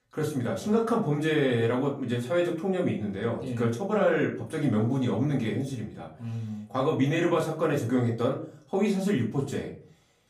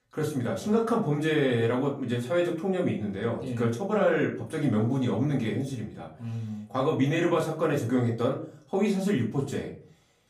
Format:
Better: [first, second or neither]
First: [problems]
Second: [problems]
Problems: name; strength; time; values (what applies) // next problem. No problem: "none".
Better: neither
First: off-mic speech; far // room echo; slight; dies away in 0.4 s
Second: off-mic speech; far // room echo; slight; dies away in 0.4 s